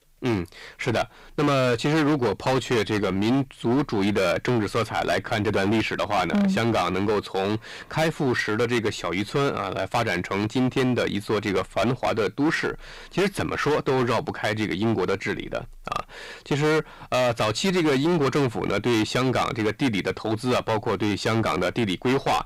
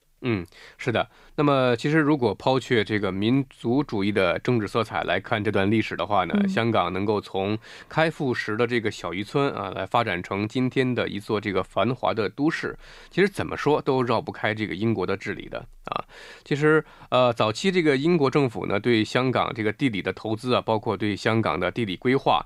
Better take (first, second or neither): second